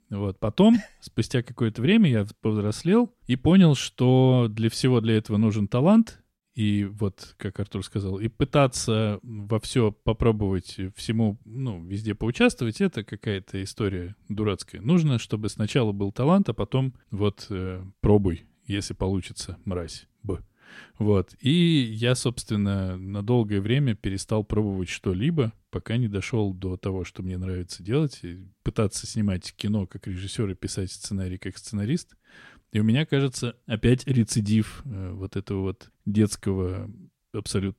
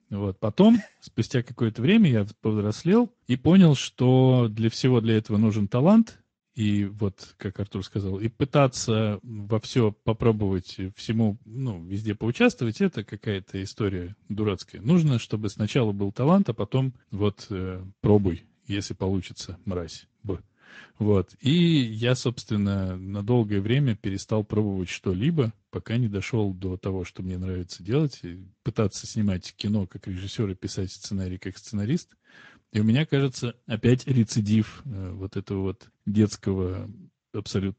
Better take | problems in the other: first | garbled, watery; slightly; nothing above 7.5 kHz

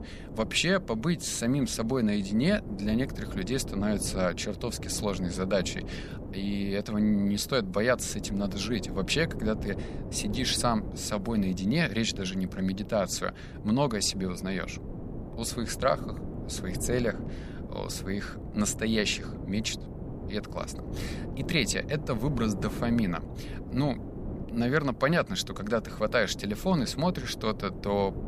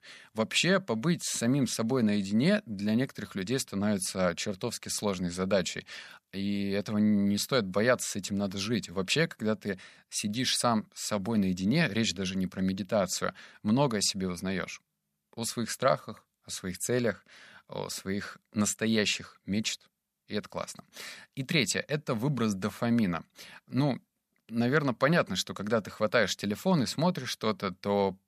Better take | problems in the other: second | wind noise on the microphone; occasional gusts; 15 dB below the speech

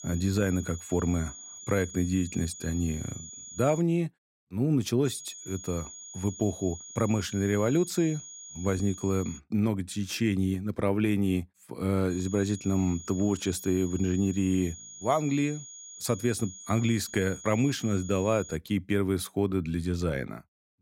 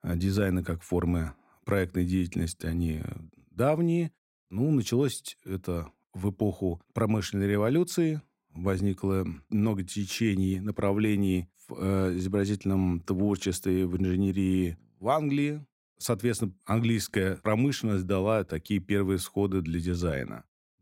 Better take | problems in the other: second | high-pitched whine; noticeable; until 4 s, from 5 to 9.5 s and from 12 to 19 s; 6.5 kHz, 15 dB below the speech

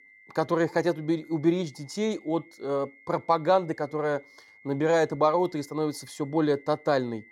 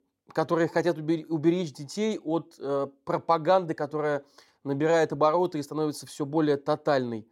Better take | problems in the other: second | high-pitched whine; faint; throughout; 2 kHz, 25 dB below the speech

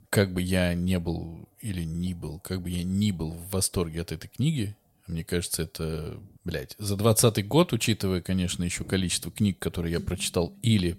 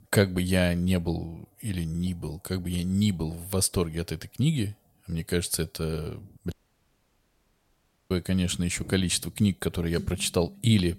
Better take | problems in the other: first | audio cutting out; at 6.5 s for 1.5 s

